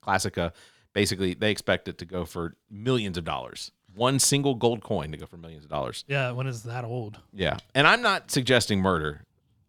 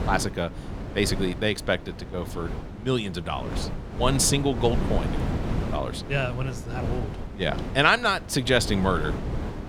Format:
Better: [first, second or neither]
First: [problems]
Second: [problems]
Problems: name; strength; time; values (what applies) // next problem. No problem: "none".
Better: first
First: none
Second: wind noise on the microphone; occasional gusts; 10 dB below the speech